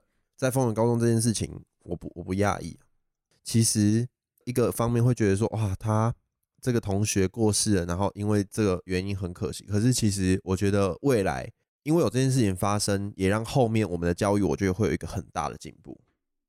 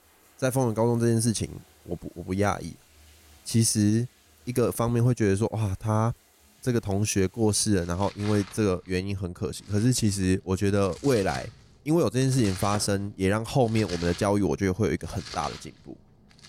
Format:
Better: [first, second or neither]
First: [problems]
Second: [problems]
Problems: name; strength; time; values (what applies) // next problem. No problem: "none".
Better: first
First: none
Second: household noises; noticeable; throughout; 15 dB below the speech